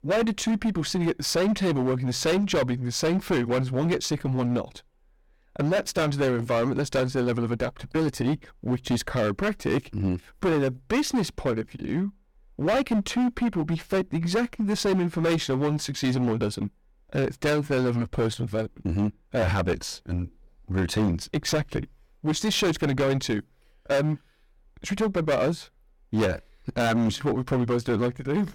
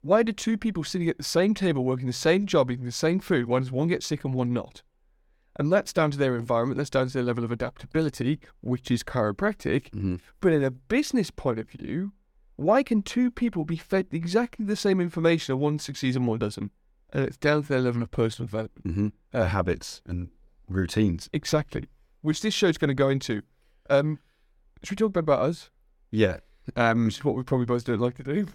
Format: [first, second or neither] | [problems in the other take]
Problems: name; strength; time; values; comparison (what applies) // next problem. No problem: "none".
second | distortion; heavy; 14% of the sound clipped